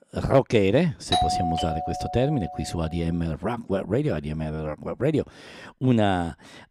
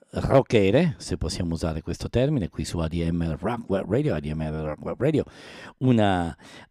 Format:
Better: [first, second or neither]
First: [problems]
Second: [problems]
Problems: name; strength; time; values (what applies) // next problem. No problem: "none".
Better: second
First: doorbell; loud; from 1 to 2.5 s; peak 2 dB above the speech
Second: none